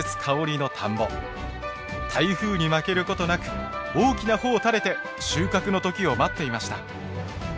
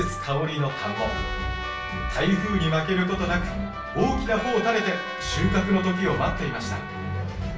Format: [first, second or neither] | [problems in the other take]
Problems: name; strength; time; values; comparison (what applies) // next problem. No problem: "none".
first | background sound (Trumpet); 11 dB below the speech // room echo; dies away in 0.4 s